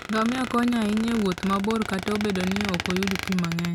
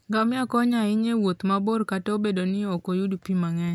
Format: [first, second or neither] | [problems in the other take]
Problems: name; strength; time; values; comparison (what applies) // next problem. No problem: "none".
second | background sound (Squeak); 8 dB below the speech